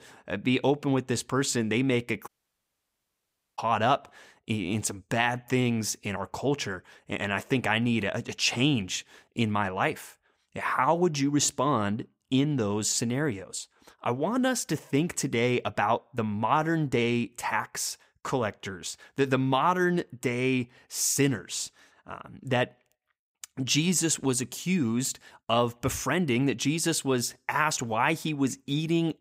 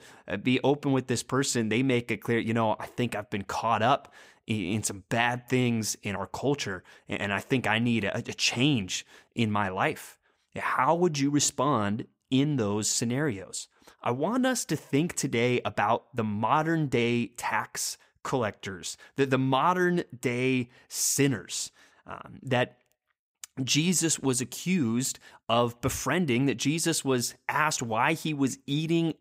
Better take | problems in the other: second | audio cutting out; at 2.5 s for 1.5 s

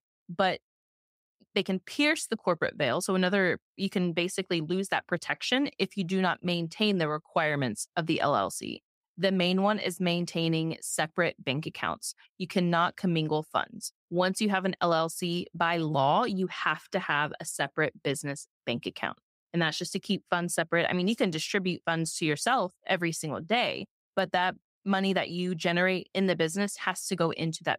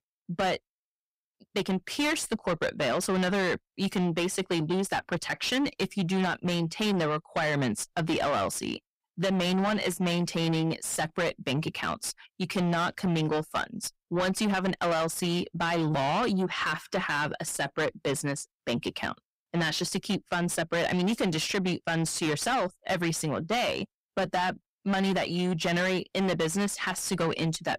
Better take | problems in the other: first | distortion; heavy; 7 dB below the speech

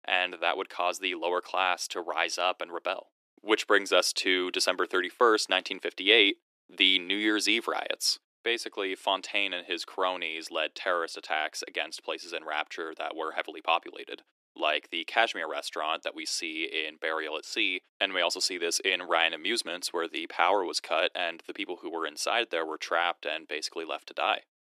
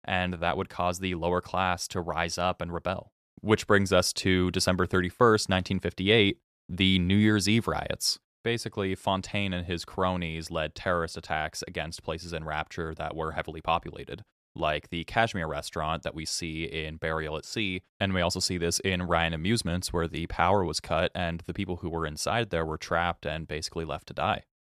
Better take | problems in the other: second | thin; very; fading below 300 Hz

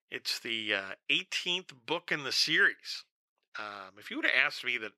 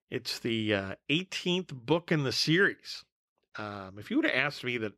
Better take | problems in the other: second | thin; somewhat; fading below 1 kHz

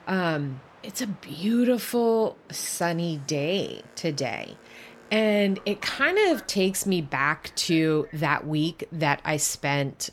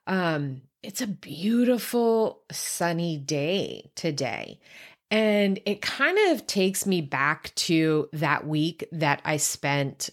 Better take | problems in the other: second | train or aircraft noise; faint; throughout; 25 dB below the speech

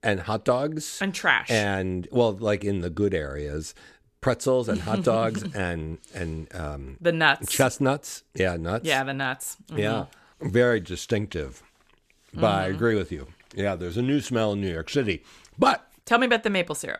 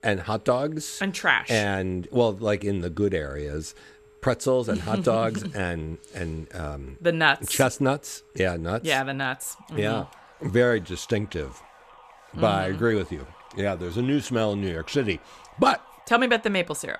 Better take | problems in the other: first | alarms or sirens; faint; throughout; 25 dB below the speech

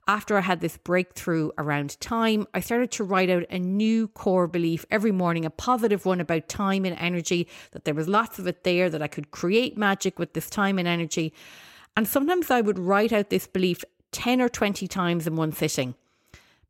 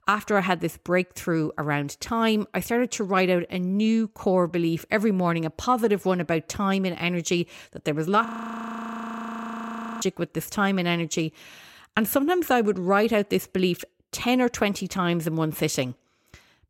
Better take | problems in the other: first | audio freezing; at 8.5 s for 2 s

